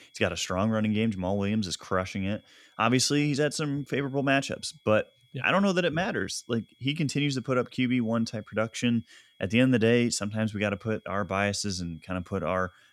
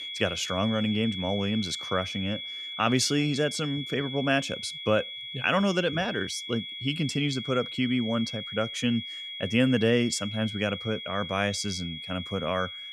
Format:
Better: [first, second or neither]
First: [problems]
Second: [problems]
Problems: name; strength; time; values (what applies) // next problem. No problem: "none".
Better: first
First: high-pitched whine; faint; throughout; 3.5 kHz, 35 dB below the speech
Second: high-pitched whine; loud; throughout; 3.5 kHz, 7 dB below the speech